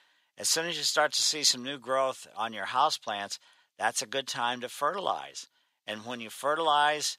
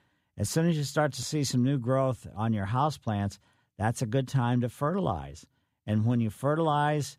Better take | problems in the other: second | thin; very; fading below 700 Hz

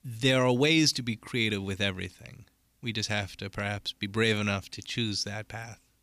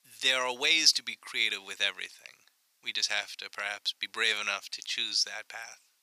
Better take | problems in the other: first | thin; very; fading below 950 Hz

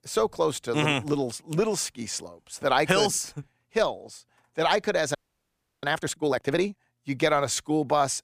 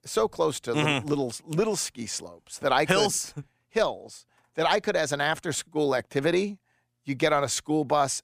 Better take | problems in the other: second | audio freezing; at 5 s for 0.5 s

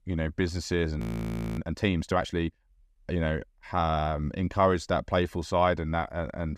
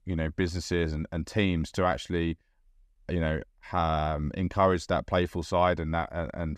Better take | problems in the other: second | audio freezing; at 1 s for 0.5 s

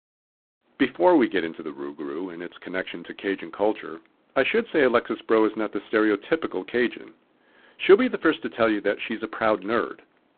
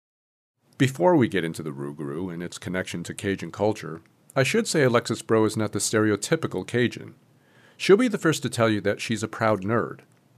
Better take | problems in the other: second | phone-call audio; poor line

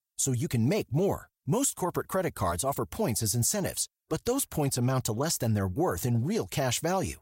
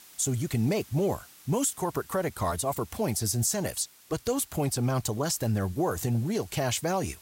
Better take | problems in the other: first | hiss; faint; throughout; 20 dB below the speech

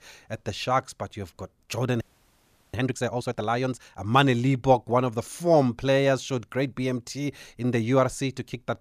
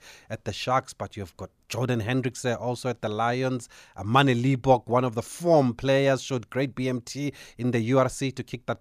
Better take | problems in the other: second | audio freezing; at 2 s for 0.5 s

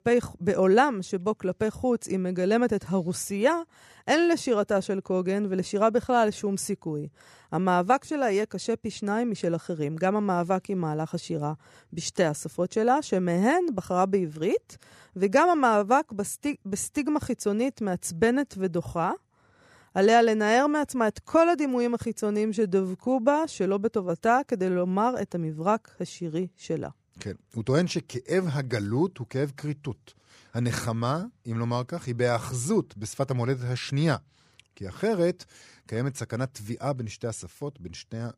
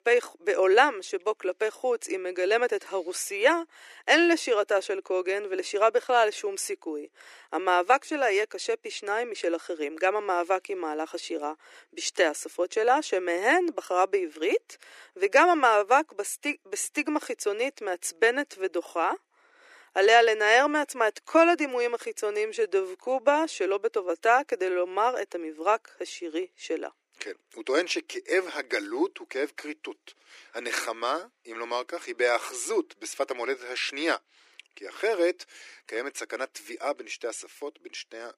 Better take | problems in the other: first | thin; very; fading below 300 Hz

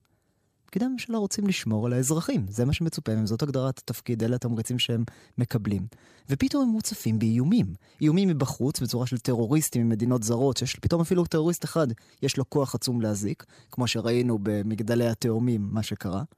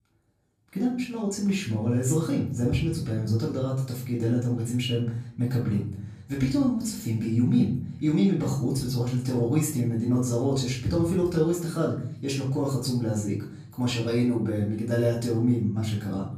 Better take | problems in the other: first | off-mic speech; far // room echo; noticeable; dies away in 0.6 s

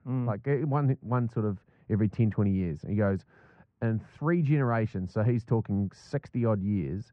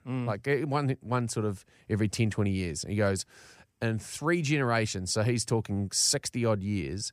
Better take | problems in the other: second | muffled; very; fading above 1.5 kHz

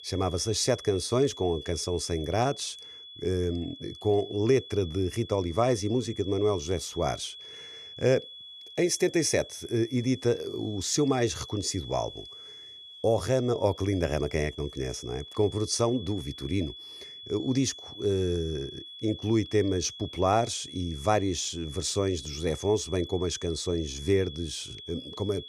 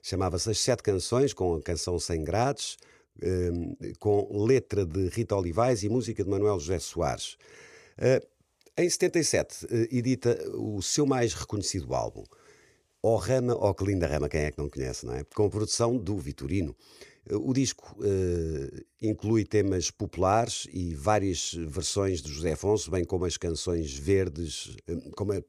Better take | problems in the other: second | high-pitched whine; noticeable; throughout; 3.5 kHz, 15 dB below the speech

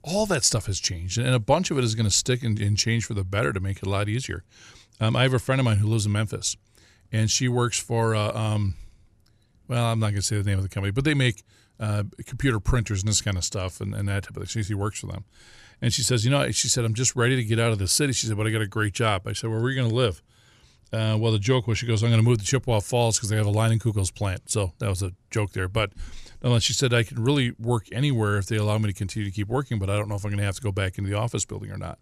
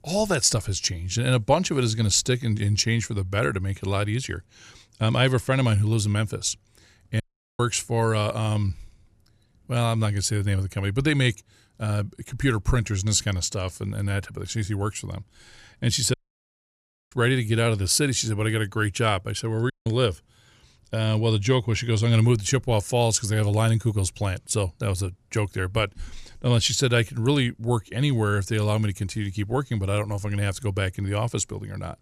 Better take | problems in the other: first | audio cutting out; at 7 s, at 16 s for 1 s and at 20 s

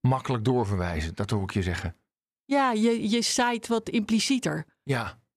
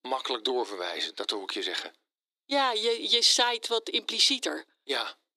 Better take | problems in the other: first | thin; very; fading below 300 Hz

